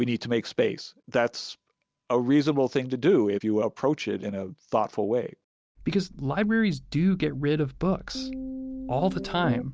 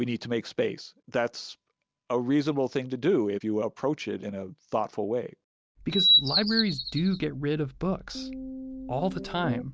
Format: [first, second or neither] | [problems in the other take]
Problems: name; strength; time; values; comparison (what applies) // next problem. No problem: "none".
first | background sound (Bird vocalization, bird call, bird song); 4 dB above the speech